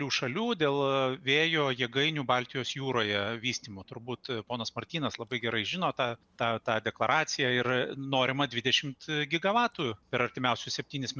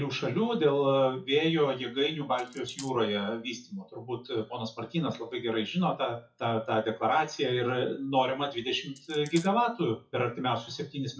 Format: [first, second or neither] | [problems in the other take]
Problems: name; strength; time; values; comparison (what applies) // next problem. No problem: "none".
first | noise reduction (classical method WPE with log-MMSE)